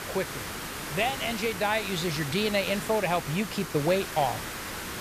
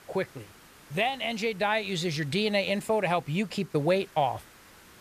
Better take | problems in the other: second | hiss; loud; throughout; 7 dB below the speech; faint in the second

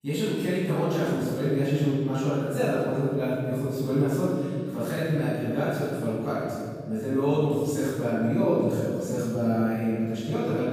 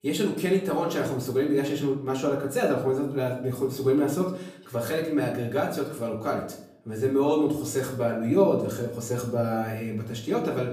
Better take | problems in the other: second | room echo; strong; dies away in 2.6 s; slight in the second // off-mic speech; far; far in the second

